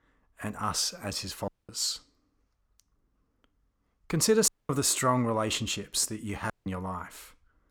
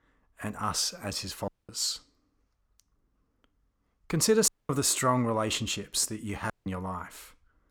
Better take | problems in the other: neither | audio cutting out; at 1.5 s, at 4.5 s and at 6.5 s; the same in both

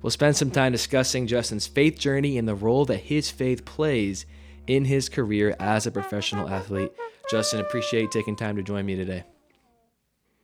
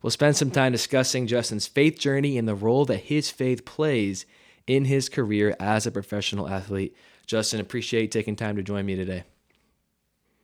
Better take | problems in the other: second | background music; noticeable; throughout; 15 dB below the speech

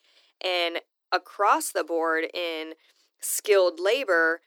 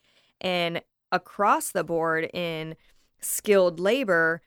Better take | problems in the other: second | thin; very; fading below 300 Hz

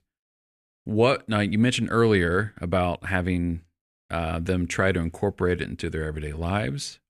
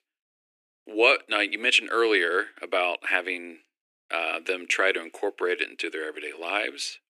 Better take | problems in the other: first | thin; very; fading below 300 Hz

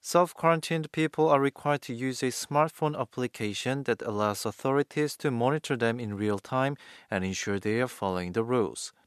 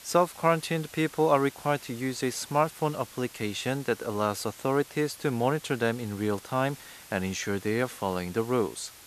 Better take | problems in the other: first | hiss; noticeable; throughout; 20 dB below the speech

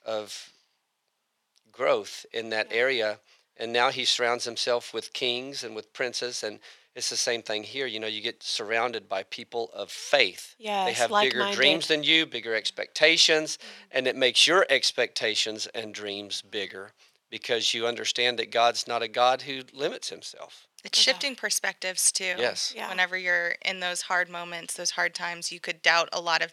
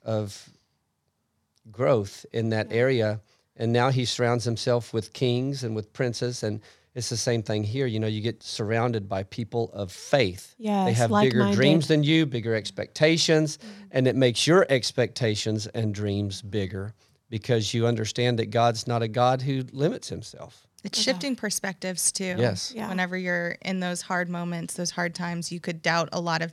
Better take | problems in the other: second | thin; very; fading below 550 Hz

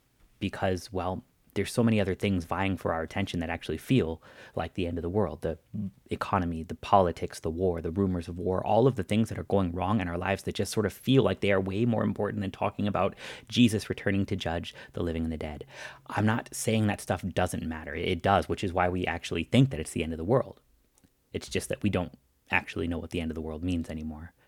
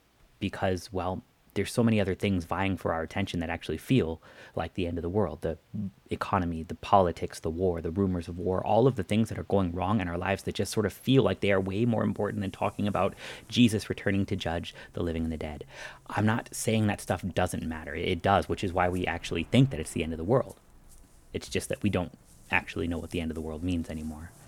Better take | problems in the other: first | rain or running water; faint; throughout; 30 dB below the speech

